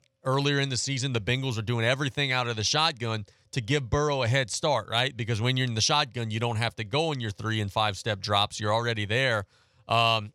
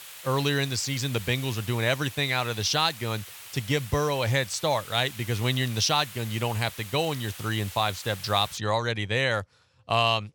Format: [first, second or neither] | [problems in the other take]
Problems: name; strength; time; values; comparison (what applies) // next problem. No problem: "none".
first | hiss; noticeable; until 8.5 s; 15 dB below the speech